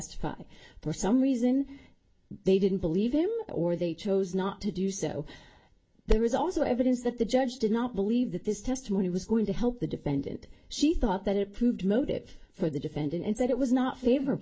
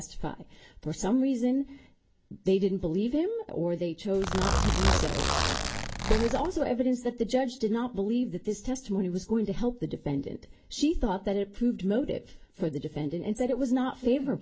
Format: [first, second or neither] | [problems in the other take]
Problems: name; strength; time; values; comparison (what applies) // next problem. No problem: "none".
first | background sound (Zipper (clothing)); 1 dB above the speech